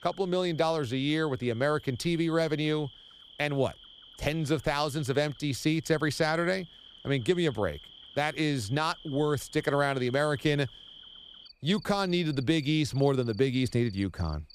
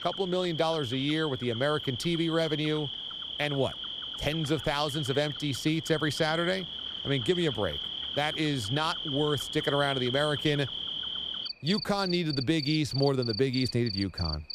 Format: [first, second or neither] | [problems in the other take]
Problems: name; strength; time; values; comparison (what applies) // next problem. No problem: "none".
first | animal sounds; loud; throughout; 5 dB below the speech; faint in the first